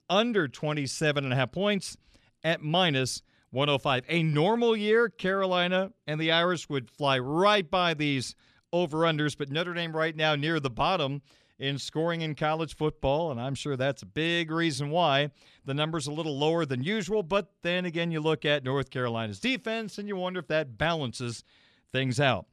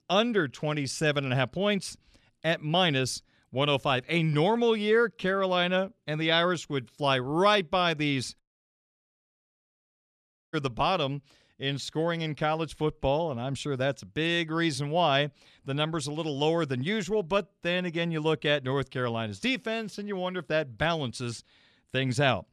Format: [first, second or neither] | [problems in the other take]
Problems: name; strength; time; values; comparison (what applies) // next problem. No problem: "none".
first | audio cutting out; at 8.5 s for 2 s